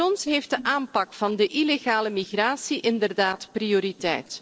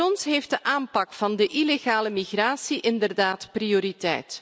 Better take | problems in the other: second | noise reduction (neural separator model SepFormer DNS4)

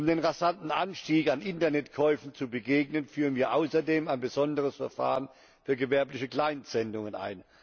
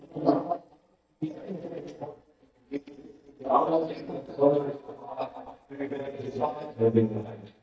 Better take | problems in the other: first | noise reduction (neural mask model DeepFilterNet 3)

